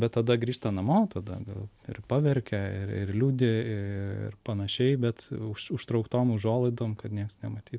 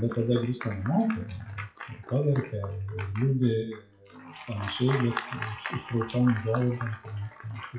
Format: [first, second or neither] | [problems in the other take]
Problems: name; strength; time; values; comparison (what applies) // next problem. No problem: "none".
first | noise reduction (classical method WPE with log-MMSE)